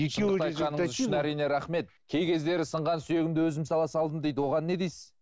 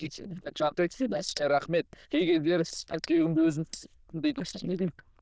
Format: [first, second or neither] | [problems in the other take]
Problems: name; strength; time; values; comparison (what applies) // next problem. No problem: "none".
first | noise reduction (neural diffusion model UNIVERSE++)